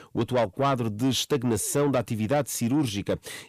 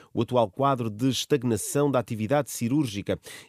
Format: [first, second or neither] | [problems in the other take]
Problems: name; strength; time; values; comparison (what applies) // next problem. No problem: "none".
second | distortion; slight; 10 dB below the speech